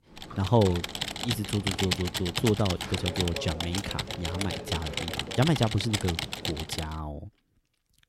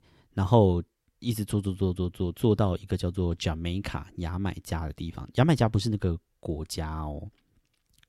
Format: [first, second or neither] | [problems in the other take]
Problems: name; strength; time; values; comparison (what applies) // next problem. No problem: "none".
second | keyboard typing; loud; until 7 s; peak 1 dB above the speech